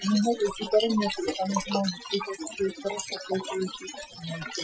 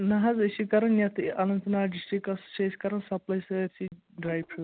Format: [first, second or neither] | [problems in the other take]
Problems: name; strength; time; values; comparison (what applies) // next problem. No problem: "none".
second | noise reduction (classical method Wiener filter)